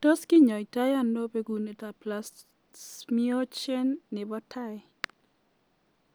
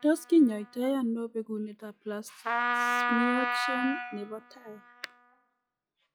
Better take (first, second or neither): first